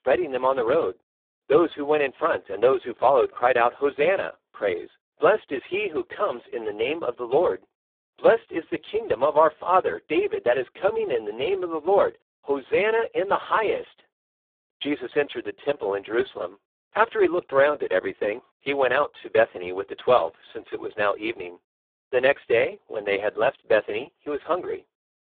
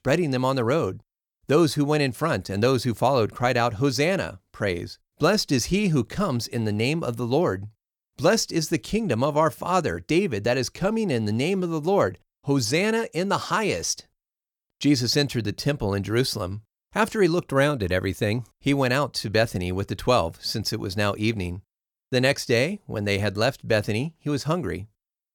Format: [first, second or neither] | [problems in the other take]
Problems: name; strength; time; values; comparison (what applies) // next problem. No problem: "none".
second | phone-call audio; poor line